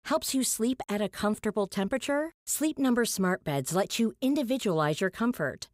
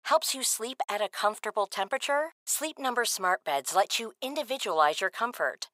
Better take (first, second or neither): first